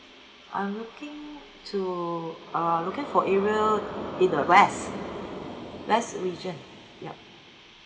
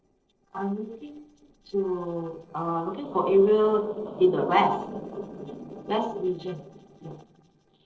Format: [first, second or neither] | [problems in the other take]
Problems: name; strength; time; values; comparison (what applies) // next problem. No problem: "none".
first | noise reduction (neural separator model SepFormer DNS4)